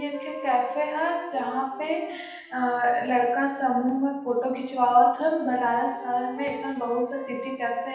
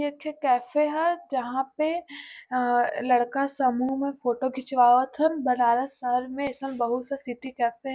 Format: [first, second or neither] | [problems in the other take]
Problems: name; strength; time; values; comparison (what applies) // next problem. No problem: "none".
second | background sound (Wind instrument, woodwind instrument); 15 dB below the speech // room echo; dies away in 0.9 s